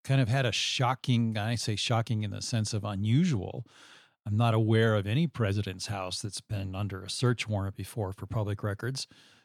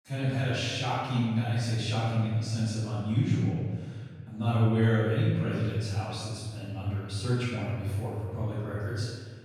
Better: first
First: none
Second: off-mic speech; far // room echo; strong; dies away in 1.6 s

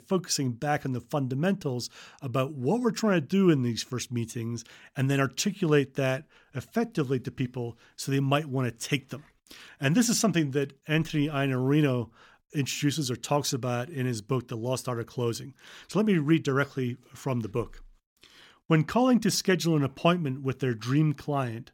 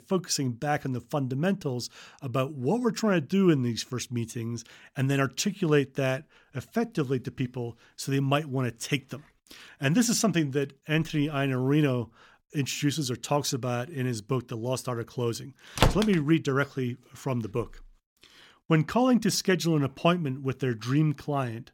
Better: first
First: none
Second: door banging; loud; at 16 s; peak 2 dB above the speech

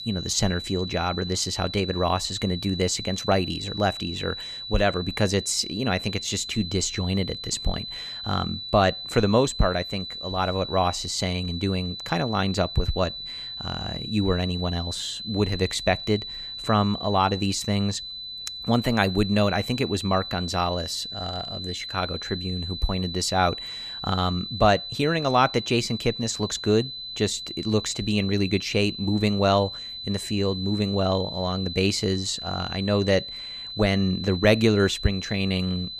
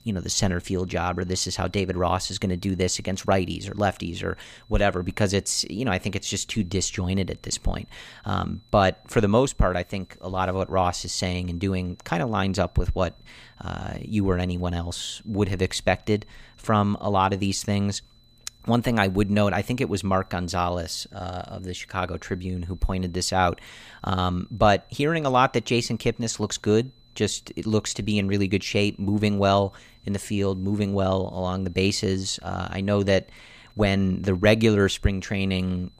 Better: second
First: high-pitched whine; loud; throughout; 4 kHz, 8 dB below the speech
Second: high-pitched whine; faint; throughout; 4 kHz, 35 dB below the speech

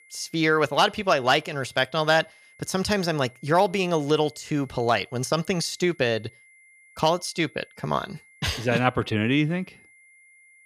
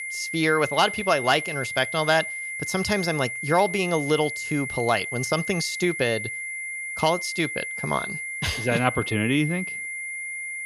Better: first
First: high-pitched whine; faint; throughout; 2 kHz, 30 dB below the speech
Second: high-pitched whine; loud; throughout; 2 kHz, 5 dB below the speech

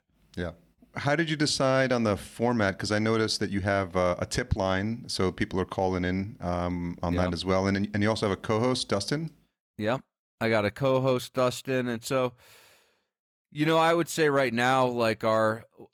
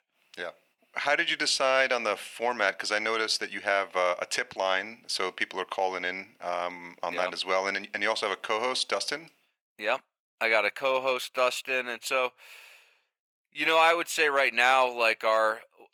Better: first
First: none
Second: thin; very; fading below 700 Hz

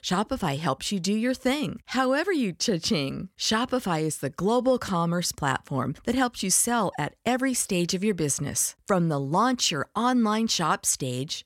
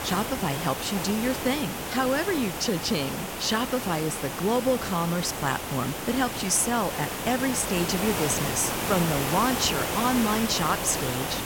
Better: first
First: none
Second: hiss; loud; throughout; 3 dB below the speech

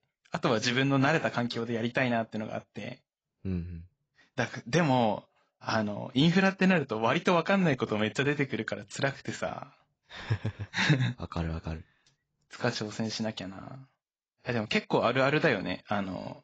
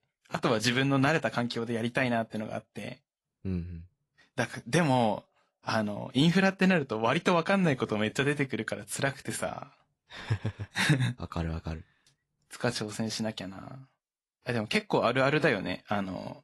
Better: second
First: garbled, watery; badly; nothing above 7.5 kHz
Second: garbled, watery; slightly; nothing above 11.5 kHz

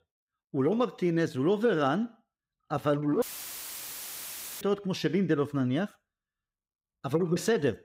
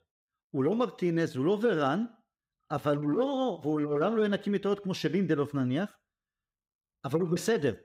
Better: second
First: audio cutting out; filled with static; at 3 s for 1.5 s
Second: none

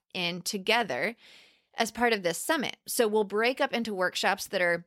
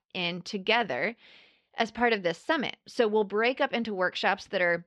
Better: first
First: none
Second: muffled; very slightly; fading above 4 kHz

